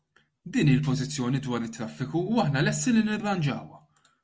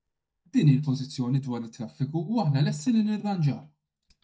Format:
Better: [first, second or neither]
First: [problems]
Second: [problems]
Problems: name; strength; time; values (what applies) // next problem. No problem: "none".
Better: first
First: none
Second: noise reduction (neural mask model DeepFilterNet 3)